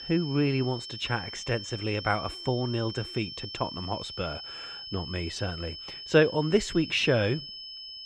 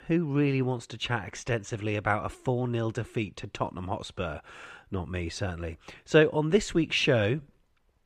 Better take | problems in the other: second | high-pitched whine; loud; throughout; 5 kHz, 9 dB below the speech

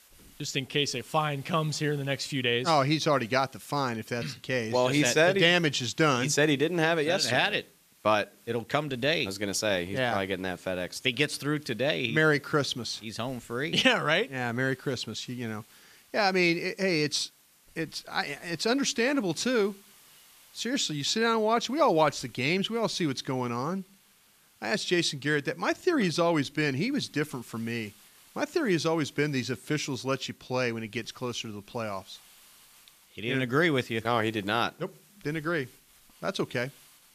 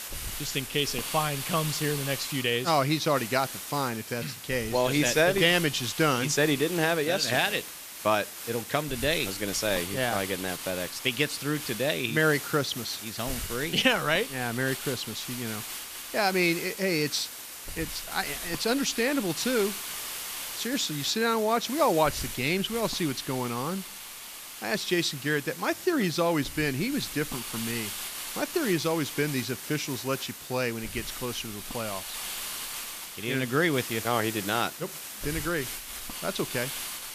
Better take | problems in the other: first | hiss; loud; throughout; 8 dB below the speech; faint in the first

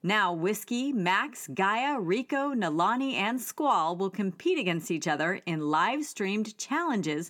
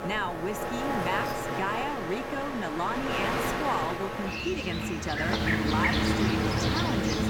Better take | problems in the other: first | train or aircraft noise; very loud; throughout; 4 dB above the speech

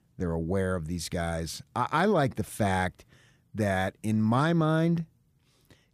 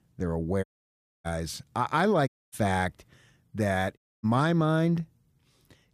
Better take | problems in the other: first | audio cutting out; at 0.5 s for 0.5 s, at 2.5 s and at 4 s

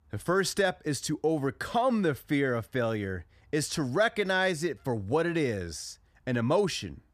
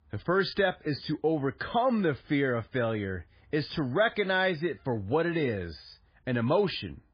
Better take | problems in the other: first | garbled, watery; badly; nothing above 4.5 kHz

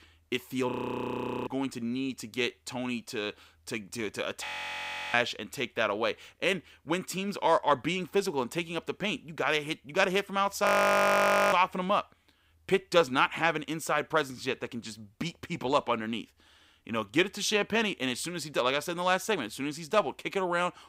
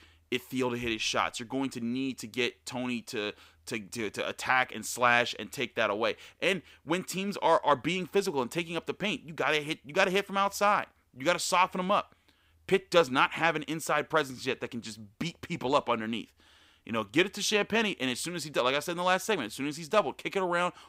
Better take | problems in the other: second | audio freezing; at 0.5 s for 1 s, at 4.5 s for 0.5 s and at 11 s for 1 s

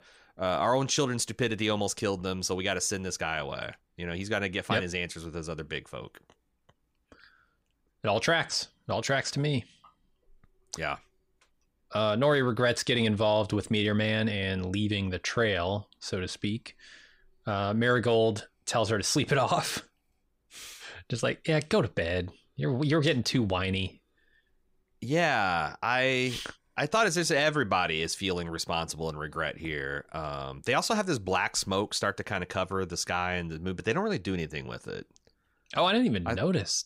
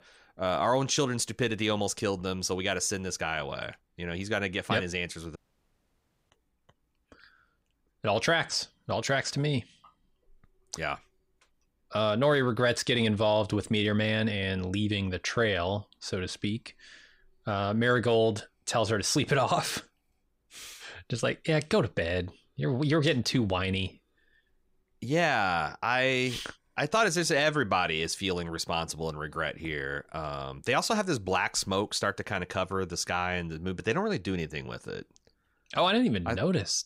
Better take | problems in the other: first | audio cutting out; at 5.5 s for 1 s

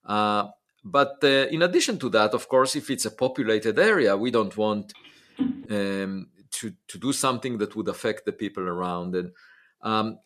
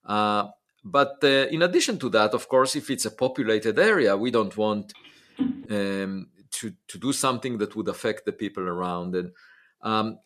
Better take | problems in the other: neither | phone ringing; noticeable; at 5.5 s; peak 5 dB below the speech; the same in both

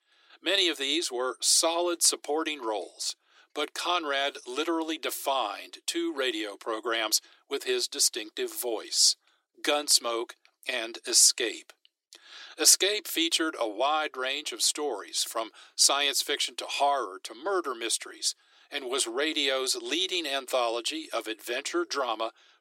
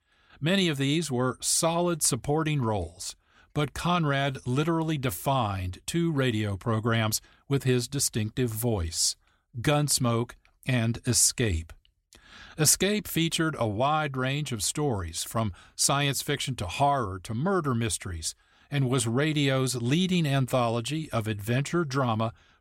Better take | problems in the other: second | thin; very; fading below 300 Hz

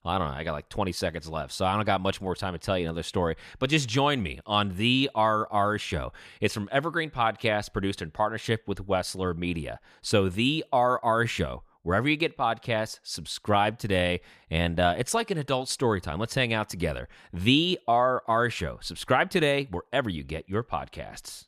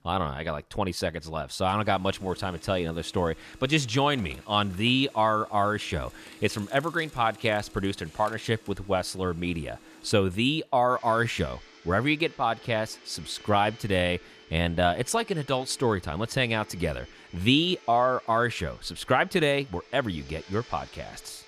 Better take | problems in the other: first | household noises; faint; throughout; 25 dB below the speech

